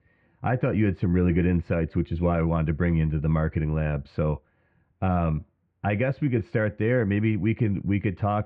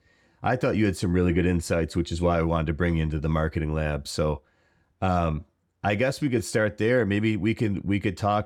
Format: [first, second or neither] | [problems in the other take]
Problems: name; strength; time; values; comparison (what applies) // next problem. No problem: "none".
second | muffled; very; fading above 2.5 kHz